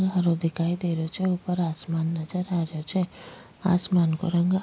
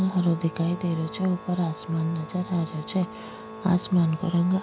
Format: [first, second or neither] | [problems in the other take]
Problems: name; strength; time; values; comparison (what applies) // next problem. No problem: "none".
first | background sound (Organ); 15 dB below the speech